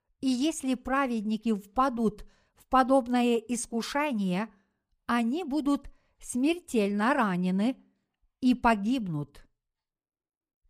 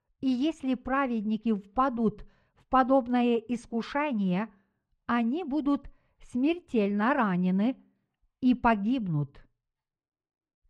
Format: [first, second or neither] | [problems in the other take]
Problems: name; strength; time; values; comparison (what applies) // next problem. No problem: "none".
first | muffled; slightly; fading above 3 kHz